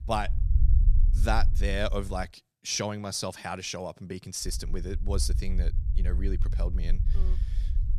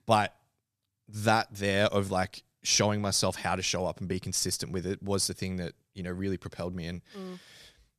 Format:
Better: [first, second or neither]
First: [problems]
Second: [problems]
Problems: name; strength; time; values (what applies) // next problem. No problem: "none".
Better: second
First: low rumble; noticeable; until 2 s and from 4.5 s on; 15 dB below the speech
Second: none